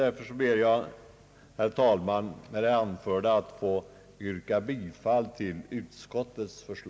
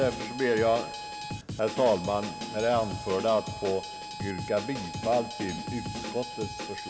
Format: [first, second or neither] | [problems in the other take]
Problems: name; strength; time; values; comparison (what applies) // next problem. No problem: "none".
first | background sound (Harmonica + Drum kit); 7 dB below the speech